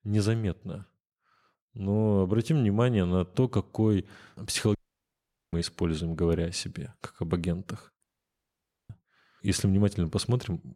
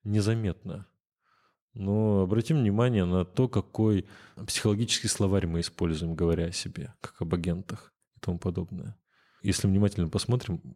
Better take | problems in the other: second | audio cutting out; at 5 s for 1 s and at 8 s for 1 s

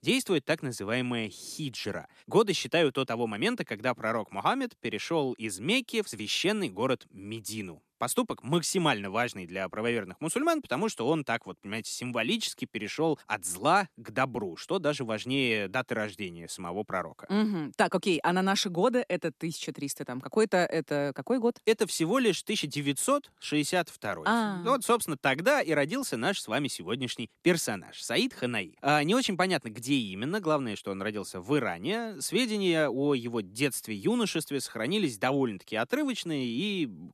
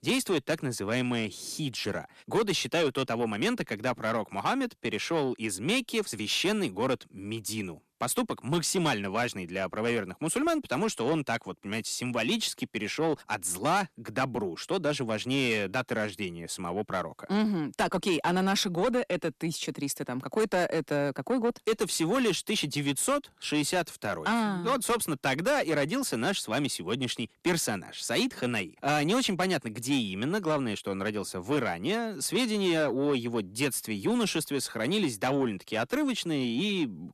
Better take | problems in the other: first | distortion; slight; 10 dB below the speech

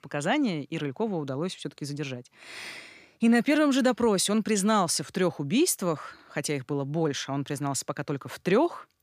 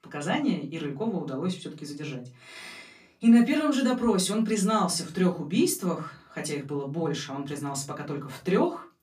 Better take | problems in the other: first | off-mic speech; far // room echo; very slight; dies away in 0.2 s

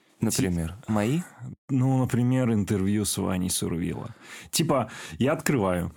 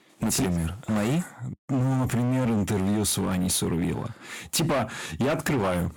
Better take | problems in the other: first | distortion; heavy; 21% of the sound clipped

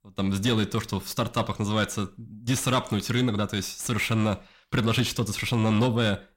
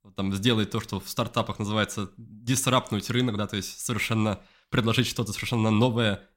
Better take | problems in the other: second | distortion; slight; 10 dB below the speech

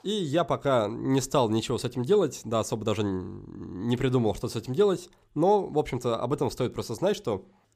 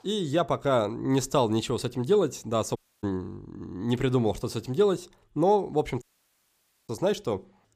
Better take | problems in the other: first | audio cutting out; at 3 s and at 6 s for 1 s

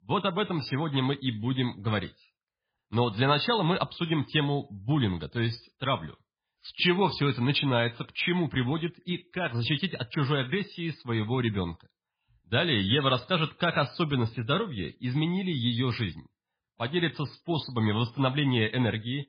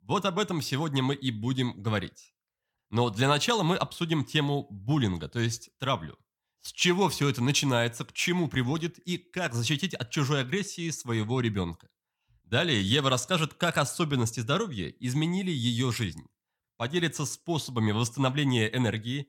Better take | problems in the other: second | garbled, watery; badly

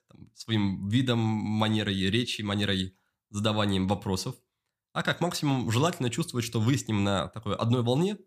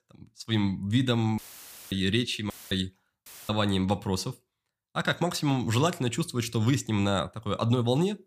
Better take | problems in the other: first | audio cutting out; filled with static; at 1.5 s for 0.5 s, at 2.5 s and at 3.5 s

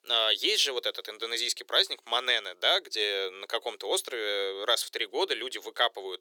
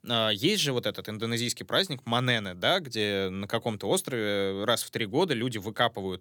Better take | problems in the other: second | thin; very; fading below 400 Hz

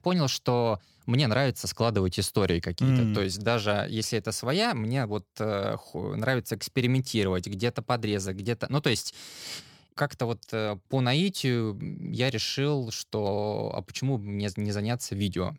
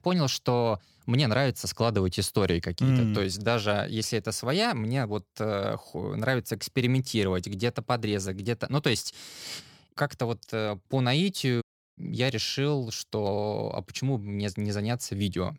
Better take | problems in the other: first | audio cutting out; at 12 s

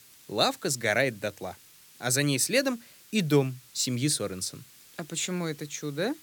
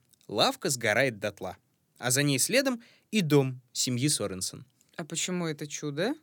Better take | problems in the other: second | hiss; faint; throughout; 25 dB below the speech

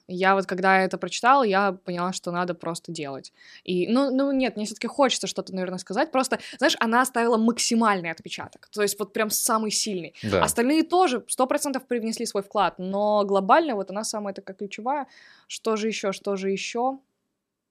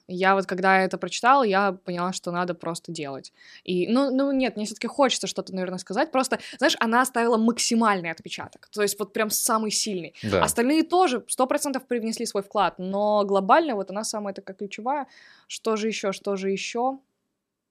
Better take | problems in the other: neither | none

